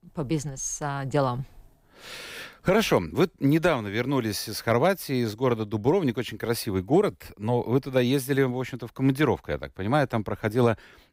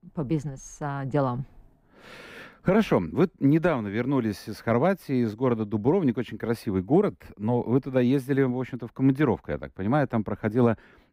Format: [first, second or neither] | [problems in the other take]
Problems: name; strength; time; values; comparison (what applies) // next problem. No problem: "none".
first | muffled; slightly; fading above 3 kHz